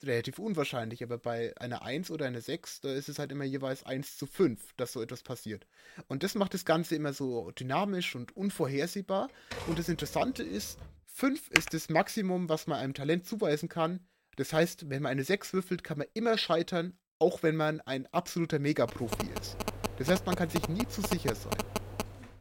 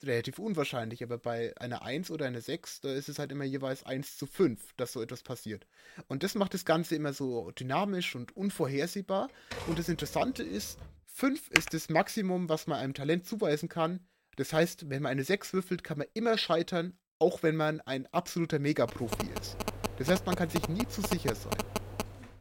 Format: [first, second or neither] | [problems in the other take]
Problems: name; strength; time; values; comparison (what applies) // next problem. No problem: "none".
neither | keyboard typing; noticeable; from 9.5 to 11 s; peak 8 dB below the speech; the same in both // keyboard typing; very faint; at 12 s; peak 5 dB above the speech; the same in both // phone ringing; noticeable; from 19 s on; peak 2 dB below the speech; the same in both